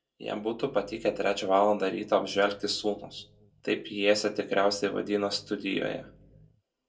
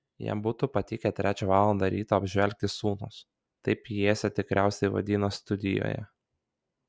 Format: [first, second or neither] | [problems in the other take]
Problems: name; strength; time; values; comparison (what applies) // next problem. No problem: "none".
second | room echo; dies away in 0.2 s